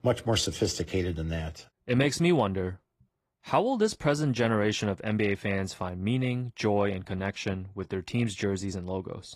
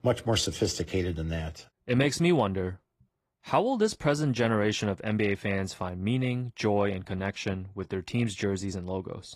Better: neither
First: garbled, watery; slightly; nothing above 14.5 kHz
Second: garbled, watery; slightly; nothing above 14.5 kHz

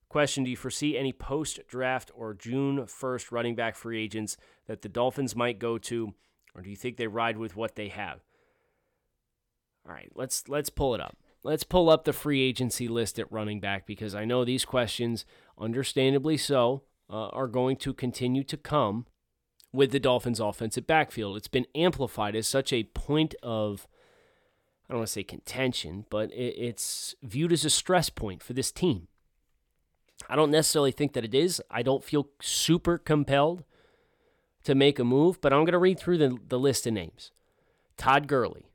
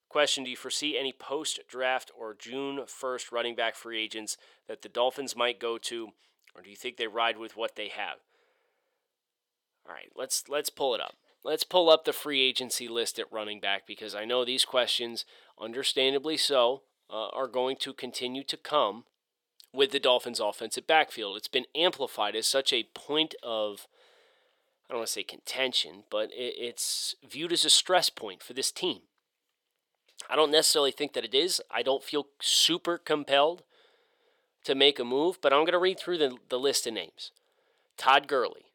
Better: first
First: none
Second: thin; somewhat; fading below 500 Hz

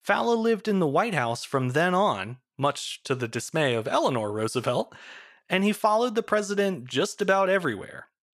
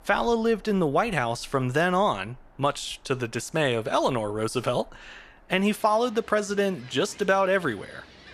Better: first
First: none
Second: animal sounds; faint; throughout; 25 dB below the speech

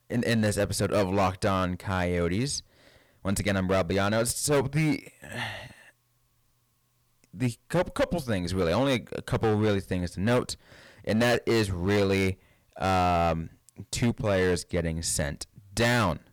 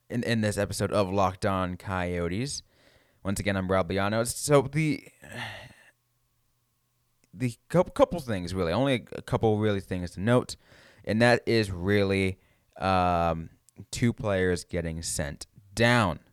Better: second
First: distortion; heavy; 9% of the sound clipped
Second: none

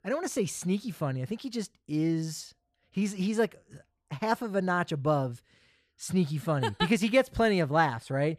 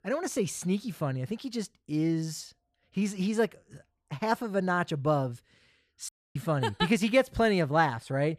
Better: first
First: none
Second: audio cutting out; at 6 s

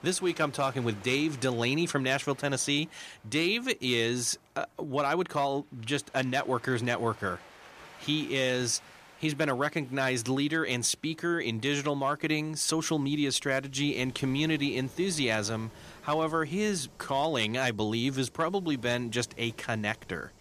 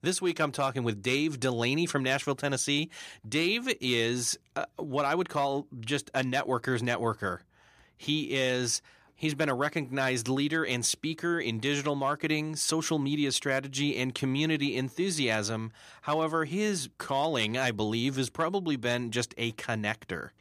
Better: second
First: rain or running water; faint; throughout; 25 dB below the speech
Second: none

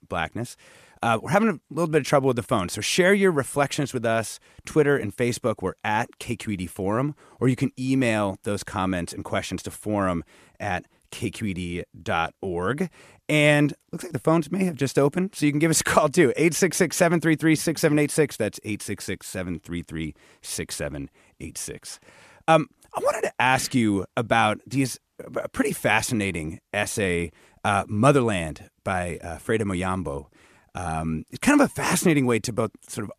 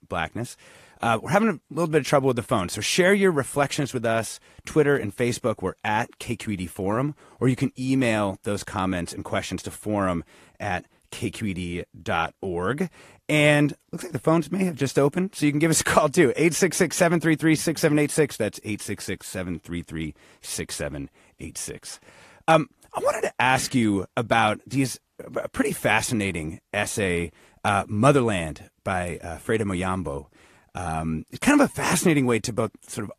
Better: first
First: none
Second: garbled, watery; slightly; nothing above 14 kHz

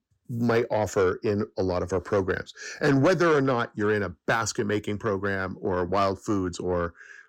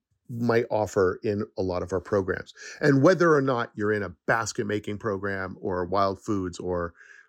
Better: second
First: distortion; slight; 10 dB below the speech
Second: none

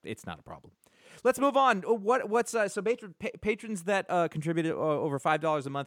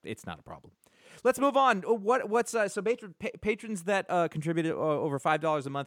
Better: neither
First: none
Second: none

